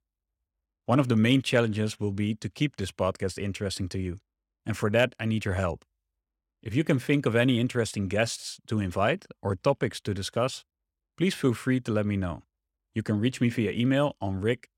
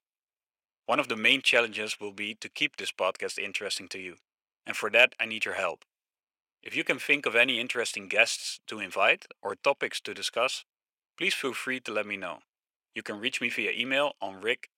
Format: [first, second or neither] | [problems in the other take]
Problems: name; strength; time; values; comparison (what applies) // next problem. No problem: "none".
first | thin; very; fading below 550 Hz